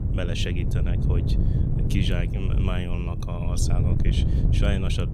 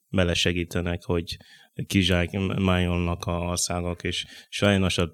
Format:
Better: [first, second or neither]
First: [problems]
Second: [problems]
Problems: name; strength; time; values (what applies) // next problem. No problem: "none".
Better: second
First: wind noise on the microphone; heavy; 3 dB below the speech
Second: none